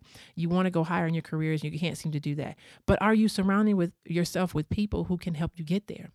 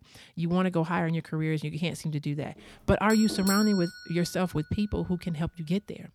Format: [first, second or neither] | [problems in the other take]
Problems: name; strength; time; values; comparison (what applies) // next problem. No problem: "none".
first | doorbell; noticeable; from 2.5 to 4 s; peak 3 dB below the speech